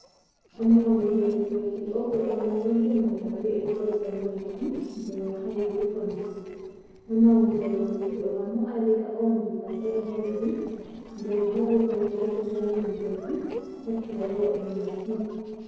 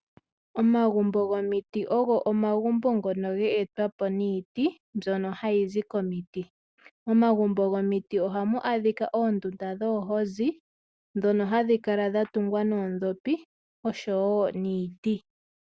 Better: second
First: noise reduction (neural separator model SepFormer DNS4)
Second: none

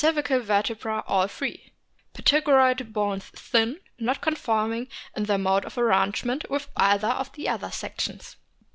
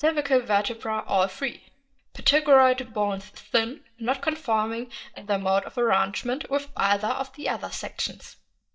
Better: first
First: none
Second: noise reduction (neural mask model DeepFilterNet 3)

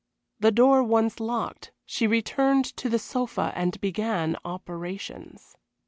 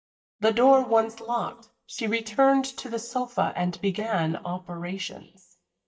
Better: first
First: none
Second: noise reduction (neural mask model DeepFilterNet 3)

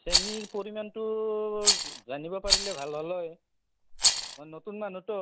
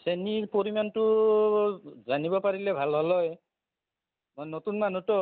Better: second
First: background sound (Rattle); 5 dB above the speech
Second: none

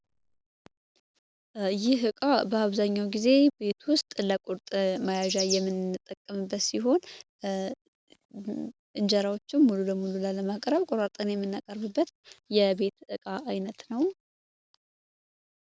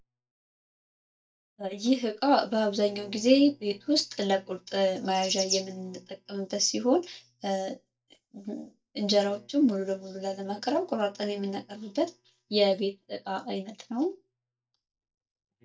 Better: first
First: none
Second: noise reduction (neural mask model DeepFilterNet 3)

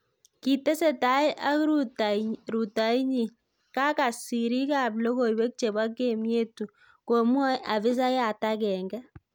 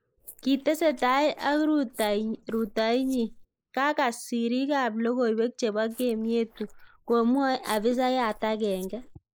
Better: first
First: none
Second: noise reduction (neural mask model Resemble Enhance denoiser)

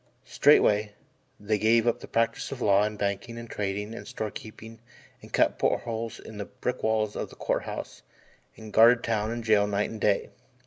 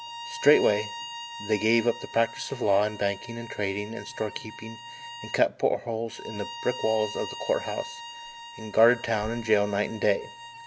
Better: first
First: none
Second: background sound (Bowed string instrument); 13 dB below the speech

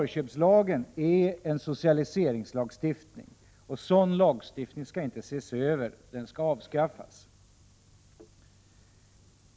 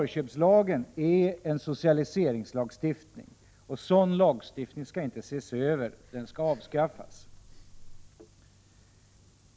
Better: first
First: none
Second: background sound (Breathing); 20 dB below the speech

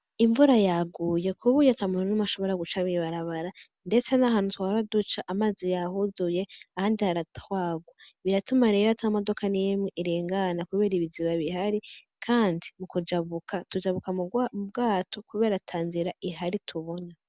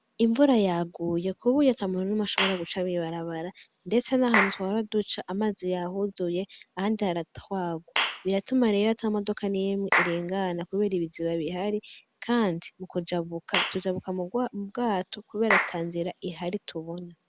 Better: first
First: none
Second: background sound (Clapping / Chirp, tweet); 8 dB below the speech

